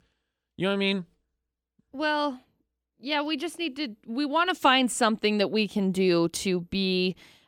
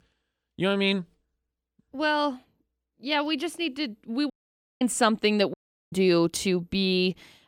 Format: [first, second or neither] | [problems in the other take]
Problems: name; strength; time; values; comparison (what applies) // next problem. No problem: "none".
first | audio cutting out; at 4.5 s for 0.5 s and at 5.5 s